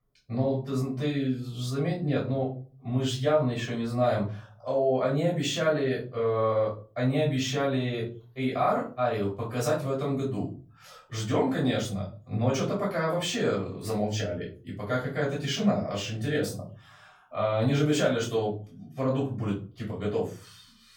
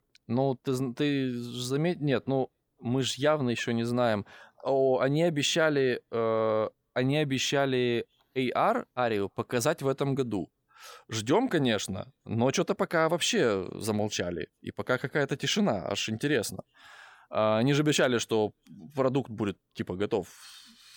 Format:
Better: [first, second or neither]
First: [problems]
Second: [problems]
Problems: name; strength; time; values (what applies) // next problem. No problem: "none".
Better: second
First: off-mic speech; far // room echo; slight; dies away in 0.5 s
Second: none